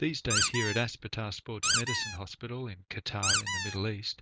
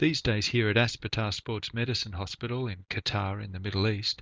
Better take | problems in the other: second | background sound (Squeak); 4 dB above the speech

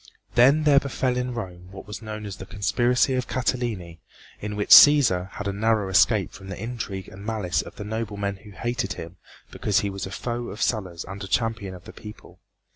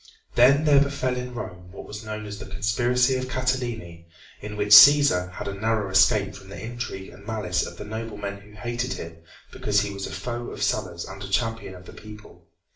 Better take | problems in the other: first | room echo; dies away in 0.4 s

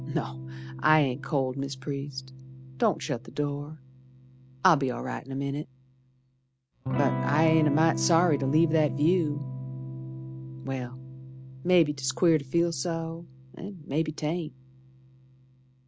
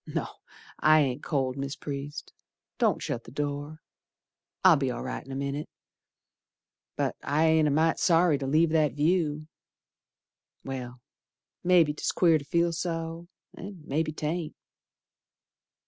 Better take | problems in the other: second | background sound (Electric guitar / Strum); 8 dB below the speech

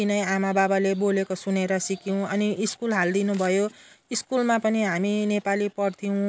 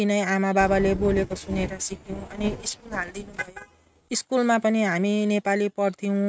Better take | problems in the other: first | noise reduction (neural mask model RNNoise)

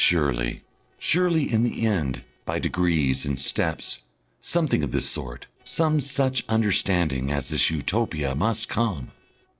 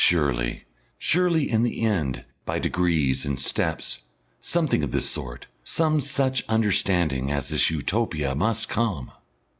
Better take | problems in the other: second | noise reduction (neural separator model SepFormer DNS4)

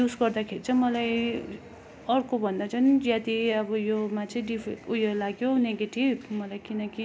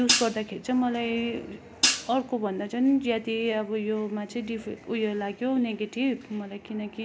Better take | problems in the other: first | background sound (Hi-hat); as loud as the speech

